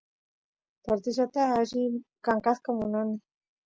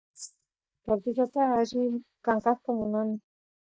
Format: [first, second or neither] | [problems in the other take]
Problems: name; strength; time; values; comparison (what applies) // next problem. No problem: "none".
first | noise reduction (neural mask model DeepFilterNet 3)